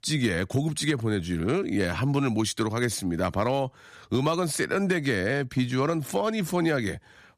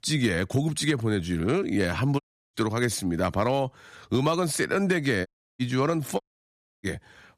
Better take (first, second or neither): first